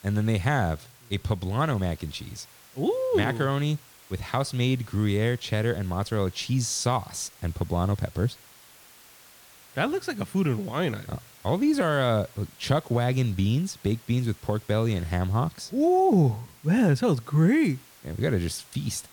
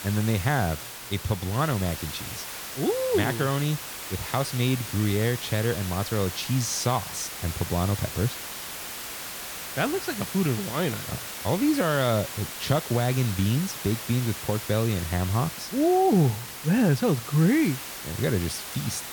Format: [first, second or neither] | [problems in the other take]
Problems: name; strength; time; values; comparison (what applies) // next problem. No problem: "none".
first | hiss; loud; throughout; 8 dB below the speech; faint in the first